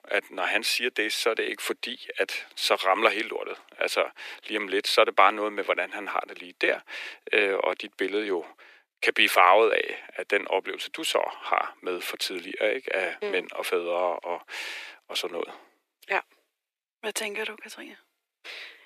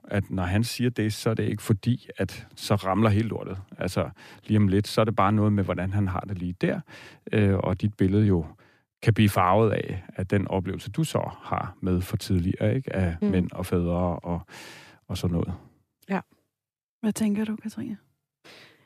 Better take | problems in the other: second | thin; very; fading below 400 Hz

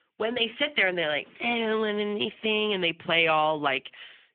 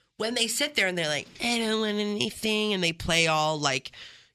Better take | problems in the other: second | phone-call audio; nothing above 3.5 kHz

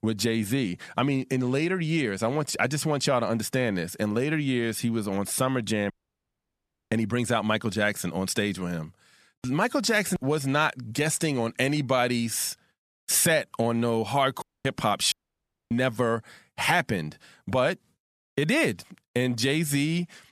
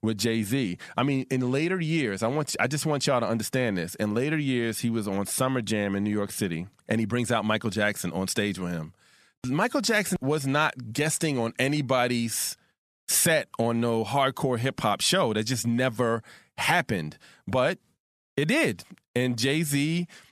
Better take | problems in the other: second | audio cutting out; at 6 s for 1 s, at 14 s and at 15 s for 0.5 s

